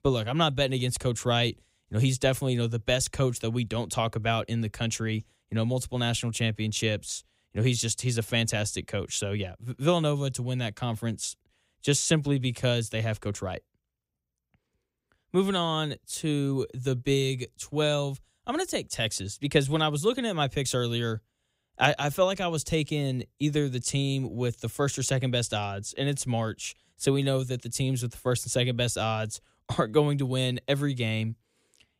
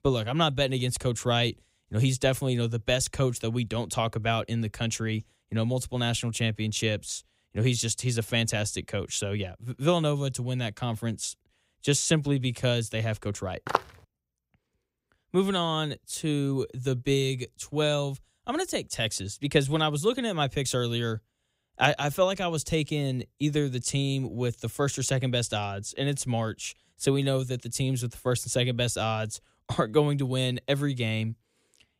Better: first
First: none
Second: footsteps; noticeable; at 14 s; peak 2 dB below the speech

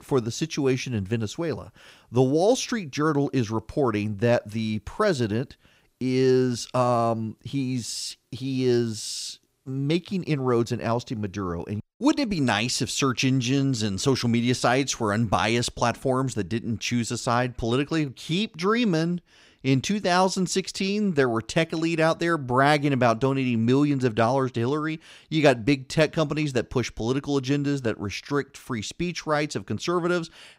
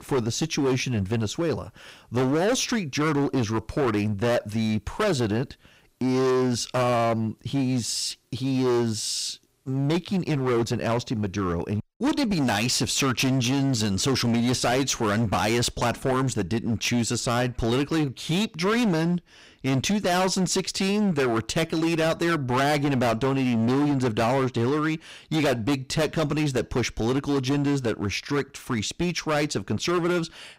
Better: first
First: none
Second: distortion; heavy; 19% of the sound clipped

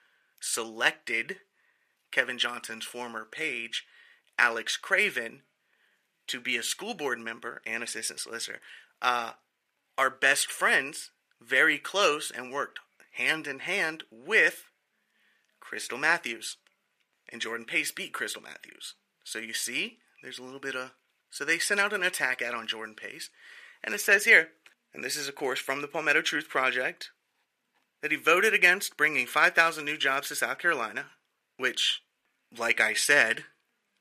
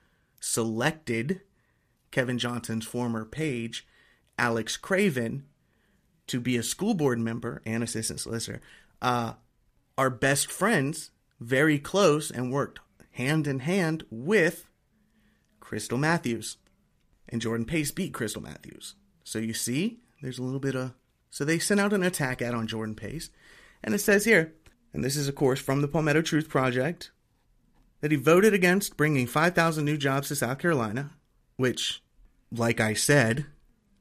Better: second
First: thin; very; fading below 500 Hz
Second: none

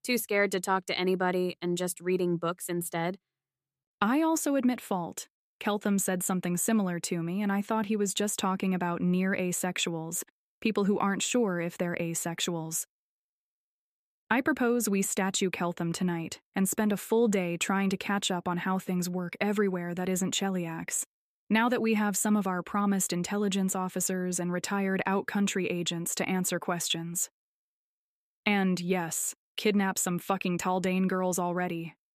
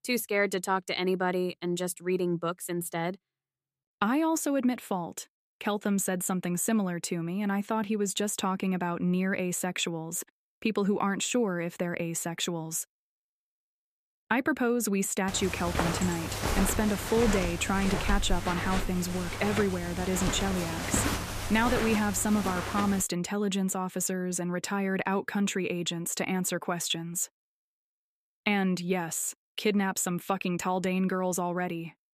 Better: first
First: none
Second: footsteps; loud; from 15 to 23 s; peak level with the speech

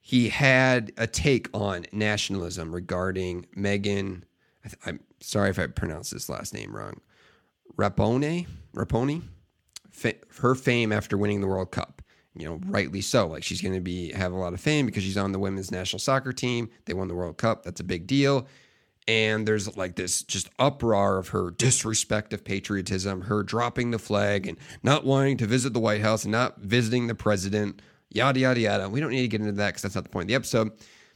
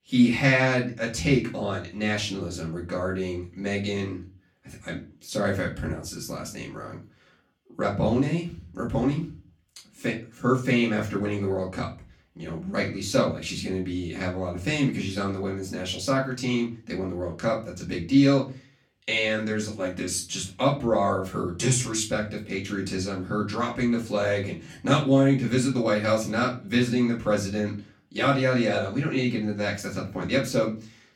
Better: first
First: none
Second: off-mic speech; far // room echo; very slight; dies away in 0.3 s

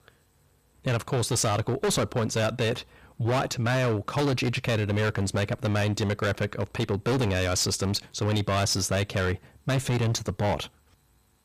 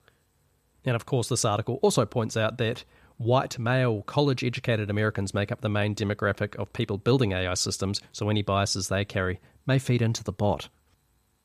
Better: second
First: distortion; heavy; 20% of the sound clipped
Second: none

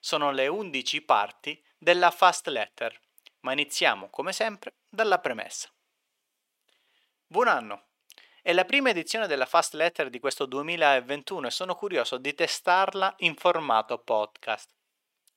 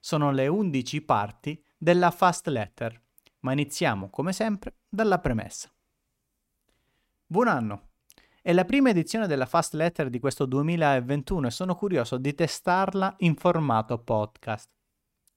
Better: second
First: thin; somewhat; fading below 500 Hz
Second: none

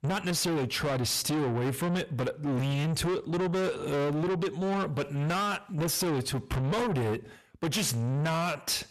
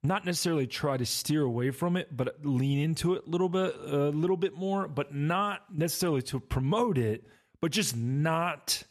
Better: second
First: distortion; heavy; 7 dB below the speech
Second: none

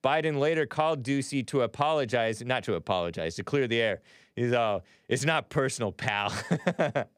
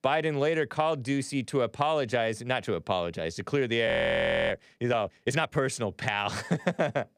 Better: first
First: none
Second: audio freezing; at 4 s for 0.5 s

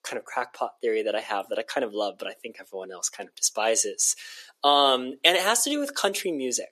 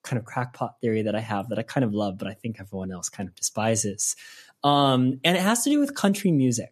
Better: second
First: thin; somewhat; fading below 400 Hz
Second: none

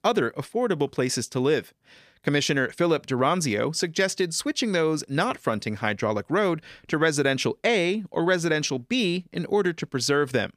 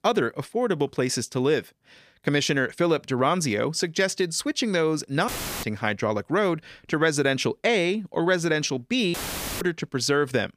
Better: first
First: none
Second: audio cutting out; filled with static; at 5.5 s and at 9 s

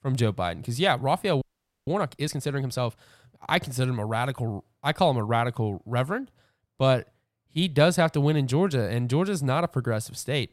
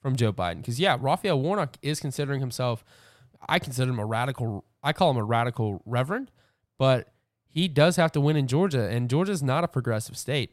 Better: second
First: audio freezing; at 1.5 s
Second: none

